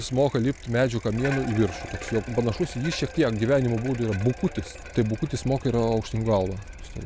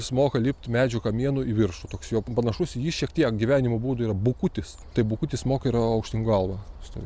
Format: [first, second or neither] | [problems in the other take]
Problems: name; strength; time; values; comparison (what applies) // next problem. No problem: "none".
second | background sound (Bicycle); 16 dB below the speech